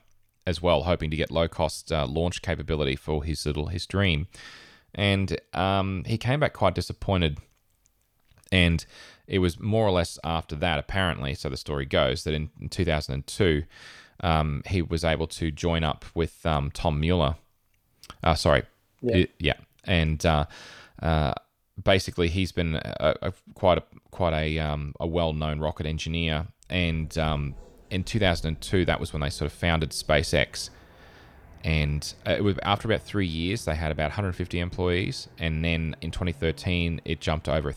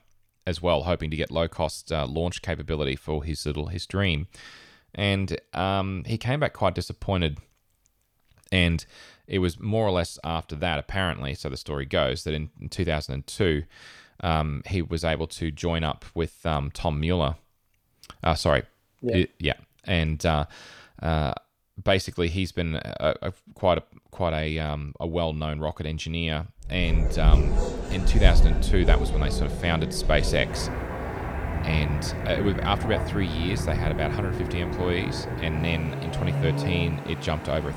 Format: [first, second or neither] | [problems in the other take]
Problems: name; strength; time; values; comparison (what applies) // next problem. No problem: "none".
first | traffic noise; loud; from 27 s on; 1 dB below the speech; faint in the first